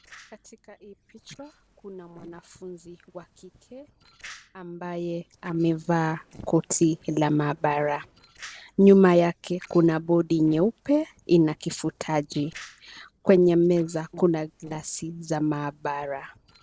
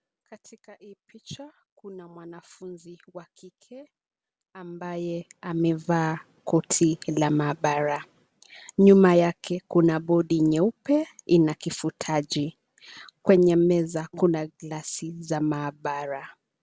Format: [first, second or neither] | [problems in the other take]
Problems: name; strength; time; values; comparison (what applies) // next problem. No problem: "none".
second | noise reduction (neural separator model SepFormer DNS4)